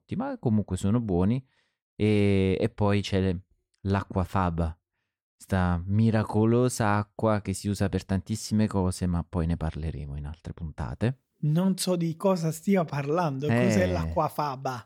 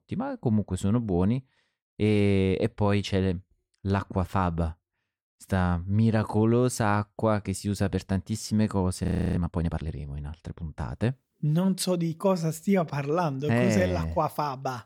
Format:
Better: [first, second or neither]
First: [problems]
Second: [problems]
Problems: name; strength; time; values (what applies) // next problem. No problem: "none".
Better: first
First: none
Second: audio freezing; at 9 s